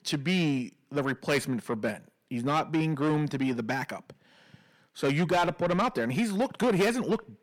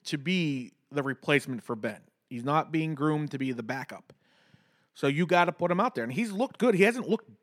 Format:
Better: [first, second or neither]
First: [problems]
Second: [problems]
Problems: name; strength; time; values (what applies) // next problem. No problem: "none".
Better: second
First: distortion; heavy; 7 dB below the speech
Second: none